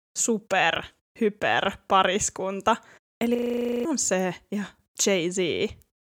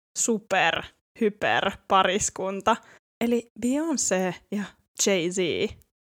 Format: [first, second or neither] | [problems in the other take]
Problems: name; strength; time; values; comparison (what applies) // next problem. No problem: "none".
second | audio freezing; at 3.5 s for 0.5 s